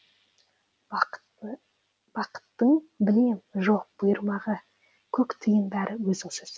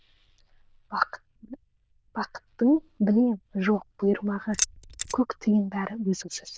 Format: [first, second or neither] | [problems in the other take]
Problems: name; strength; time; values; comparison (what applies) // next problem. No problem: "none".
first | noise reduction (neural diffusion model UNIVERSE++)